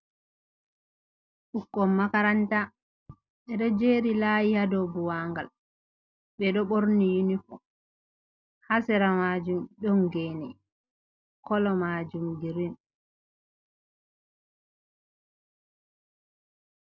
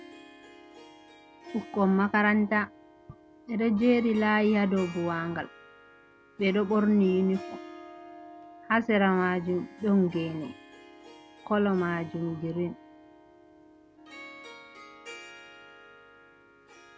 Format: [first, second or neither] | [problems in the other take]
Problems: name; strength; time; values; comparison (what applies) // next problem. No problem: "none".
first | background sound (Harp); 19 dB below the speech